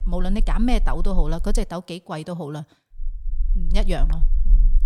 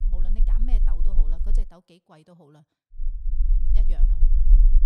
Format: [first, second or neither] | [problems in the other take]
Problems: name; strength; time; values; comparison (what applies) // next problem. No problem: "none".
first | low rumble; loud; until 1.5 s and from 3 s on; 1 dB below the speech; faint in the first